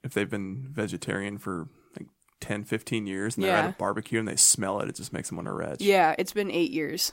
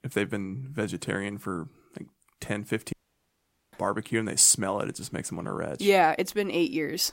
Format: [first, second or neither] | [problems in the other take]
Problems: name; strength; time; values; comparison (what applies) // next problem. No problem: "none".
first | audio cutting out; at 3 s for 1 s